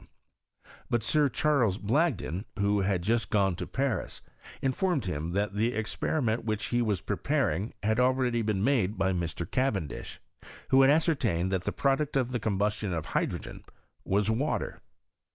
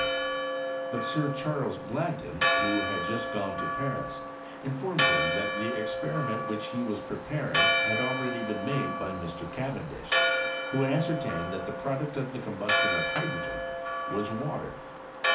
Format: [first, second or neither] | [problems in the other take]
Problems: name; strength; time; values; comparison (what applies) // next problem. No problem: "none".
first | background sound (Church bell); 3 dB above the speech // room echo; dies away in 0.4 s